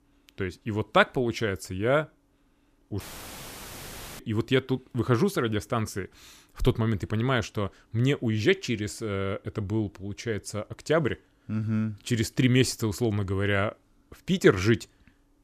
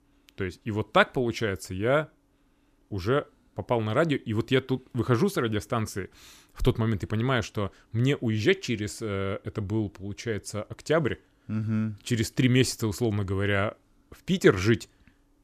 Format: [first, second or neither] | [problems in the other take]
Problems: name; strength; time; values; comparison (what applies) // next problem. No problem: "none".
second | audio cutting out; filled with static; at 3 s for 1 s